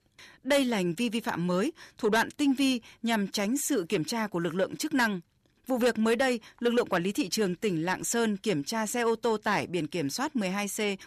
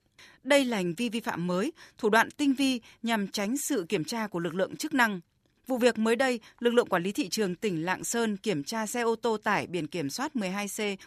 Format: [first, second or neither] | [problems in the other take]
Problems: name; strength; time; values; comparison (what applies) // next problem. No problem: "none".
second | distortion; slight; 10 dB below the speech